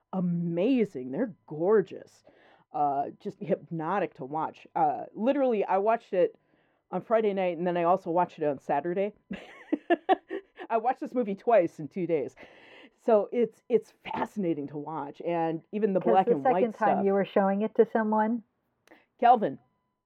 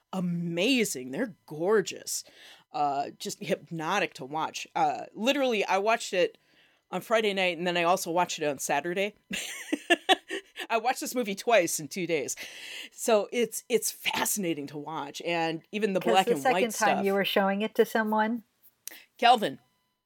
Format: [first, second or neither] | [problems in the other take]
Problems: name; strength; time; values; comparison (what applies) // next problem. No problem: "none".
second | muffled; very; fading above 3 kHz